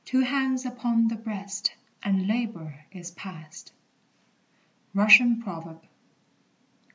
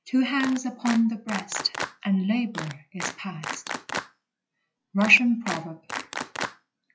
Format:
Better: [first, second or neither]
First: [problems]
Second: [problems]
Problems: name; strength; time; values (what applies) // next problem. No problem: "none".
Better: first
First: none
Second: noise reduction (classical method log-MMSE)